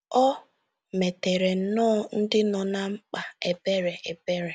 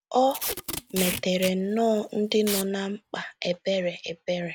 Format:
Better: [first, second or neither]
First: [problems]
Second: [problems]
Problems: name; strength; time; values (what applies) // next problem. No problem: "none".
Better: first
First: none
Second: background sound (Packing tape, duct tape); 8 dB below the speech